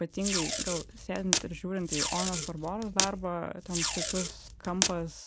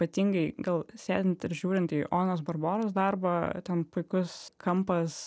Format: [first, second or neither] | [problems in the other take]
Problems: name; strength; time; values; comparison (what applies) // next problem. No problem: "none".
second | background sound (Packing tape, duct tape); 1 dB above the speech